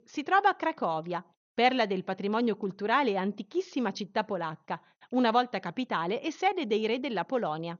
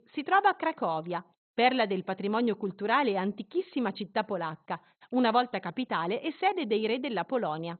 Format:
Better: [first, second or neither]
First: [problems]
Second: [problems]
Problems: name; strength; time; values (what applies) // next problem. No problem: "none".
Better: first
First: garbled, watery; slightly; nothing above 6.5 kHz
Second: garbled, watery; badly; nothing above 4 kHz